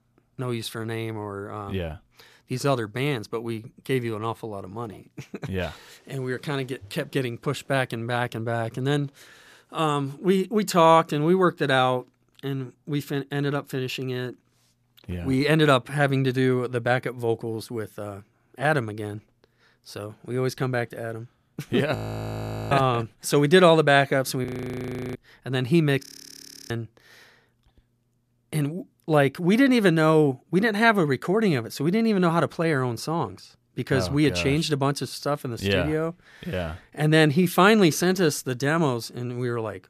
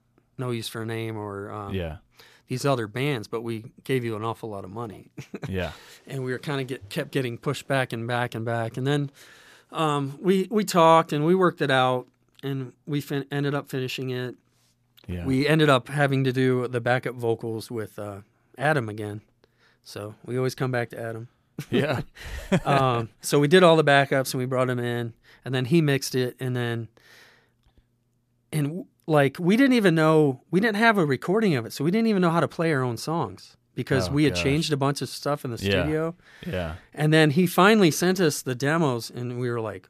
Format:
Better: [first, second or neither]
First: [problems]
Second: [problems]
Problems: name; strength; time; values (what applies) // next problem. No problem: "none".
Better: second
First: audio freezing; at 22 s for 1 s, at 24 s for 0.5 s and at 26 s for 0.5 s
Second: none